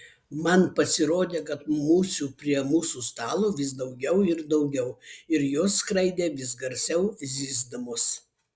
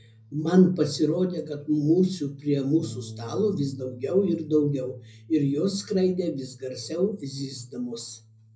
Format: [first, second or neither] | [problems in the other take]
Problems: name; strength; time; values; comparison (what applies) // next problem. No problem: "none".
first | background sound (Bass guitar); 20 dB below the speech // room echo; dies away in 0.4 s